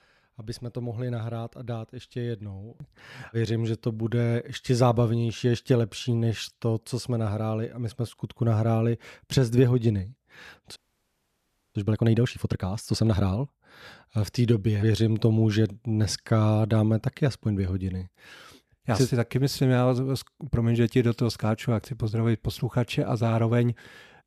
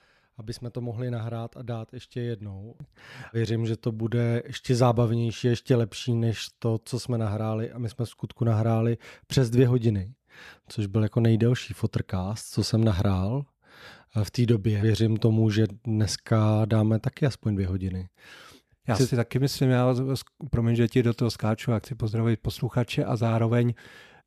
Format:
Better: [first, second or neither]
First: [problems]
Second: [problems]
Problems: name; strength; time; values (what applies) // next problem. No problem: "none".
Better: second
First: audio freezing; at 11 s for 1 s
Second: none